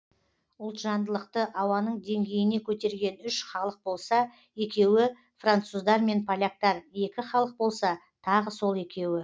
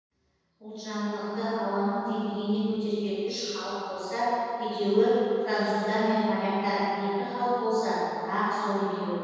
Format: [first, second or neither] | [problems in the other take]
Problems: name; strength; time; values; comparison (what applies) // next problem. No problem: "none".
first | room echo; dies away in 2.1 s